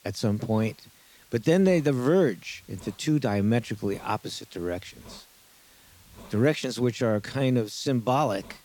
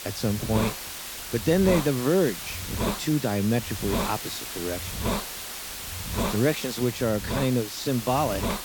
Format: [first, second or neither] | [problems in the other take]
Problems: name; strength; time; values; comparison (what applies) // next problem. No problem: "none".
first | hiss; loud; throughout; 5 dB below the speech; faint in the first